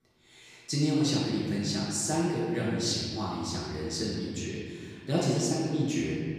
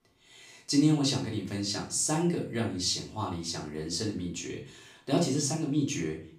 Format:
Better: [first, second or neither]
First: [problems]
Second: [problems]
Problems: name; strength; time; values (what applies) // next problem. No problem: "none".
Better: second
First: room echo; strong; dies away in 2 s // off-mic speech; far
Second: room echo; slight; dies away in 0.4 s // off-mic speech; far